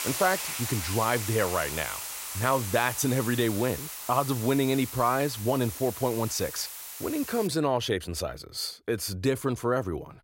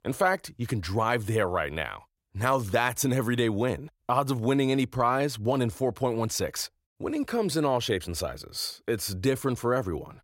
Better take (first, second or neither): second